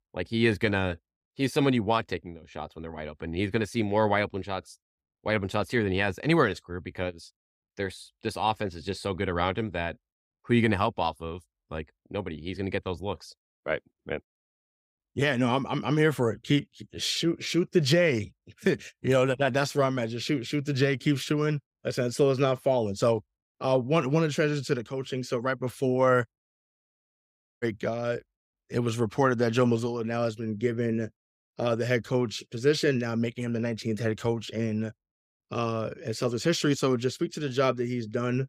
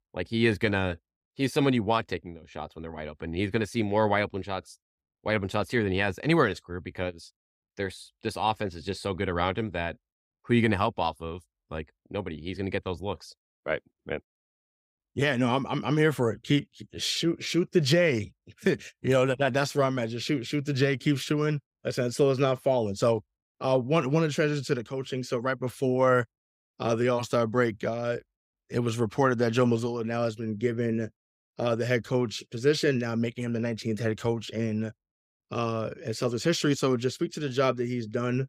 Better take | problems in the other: second | audio cutting out; at 26 s for 1 s

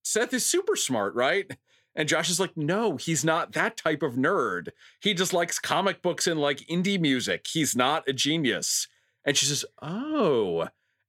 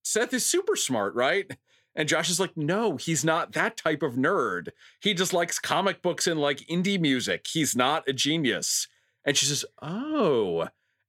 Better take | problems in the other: neither | none

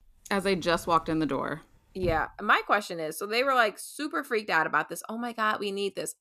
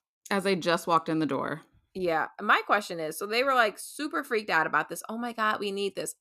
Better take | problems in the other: second | door banging; faint; from 1 to 2 s; peak 10 dB below the speech

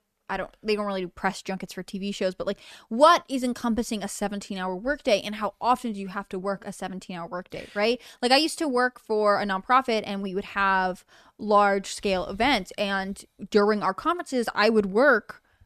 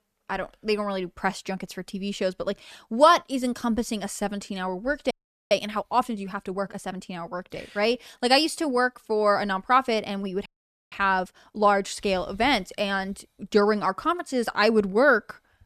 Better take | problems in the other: first | audio freezing; at 5 s and at 10 s

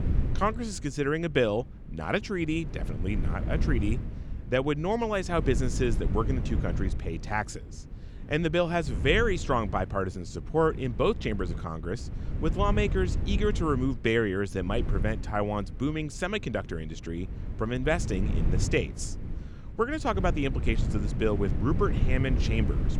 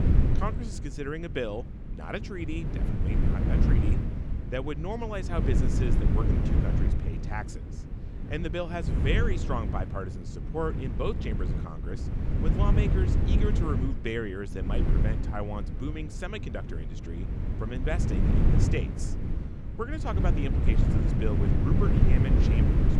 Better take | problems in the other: first | wind noise on the microphone; heavy; 2 dB below the speech; occasional gusts in the first

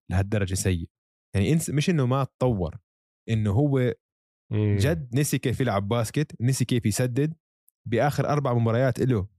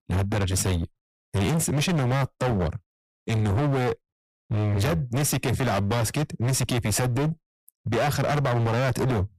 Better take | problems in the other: first | distortion; heavy; 32% of the sound clipped

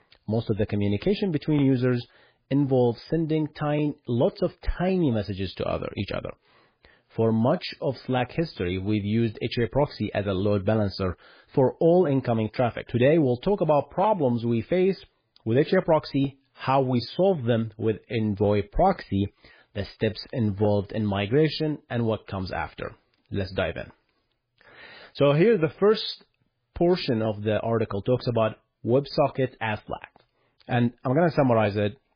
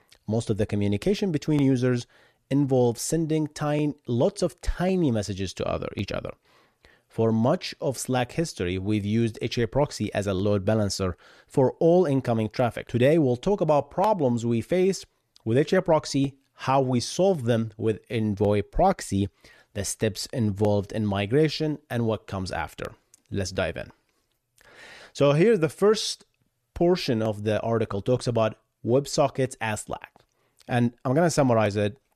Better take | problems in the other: second | garbled, watery; badly; nothing above 5 kHz

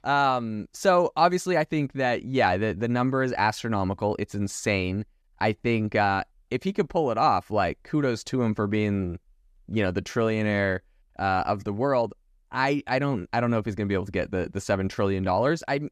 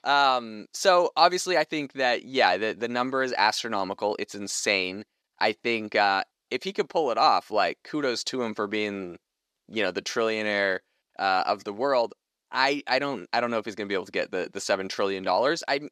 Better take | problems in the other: first | thin; somewhat; fading below 350 Hz

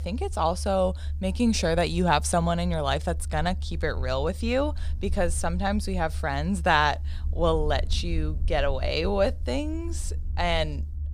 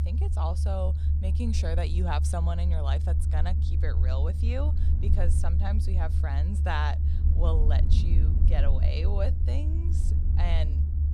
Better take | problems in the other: first | low rumble; loud; throughout; 6 dB below the speech; faint in the first

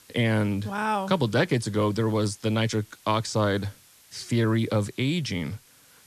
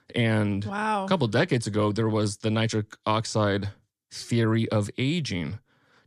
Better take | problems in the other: second | hiss; faint; throughout; 25 dB below the speech

